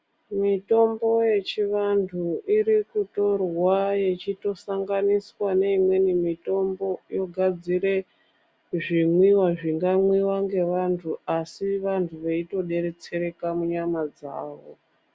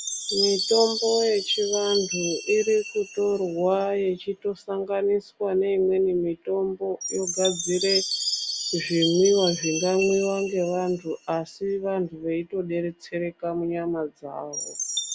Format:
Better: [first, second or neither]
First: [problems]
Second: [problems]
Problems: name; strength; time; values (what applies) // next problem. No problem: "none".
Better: first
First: none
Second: background sound (Chime); 8 dB below the speech